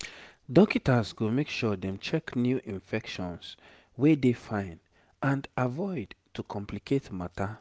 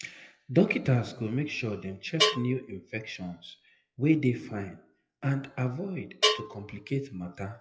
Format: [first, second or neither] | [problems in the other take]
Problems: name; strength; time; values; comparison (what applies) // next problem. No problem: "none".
first | noise reduction (classical method WPE with log-MMSE)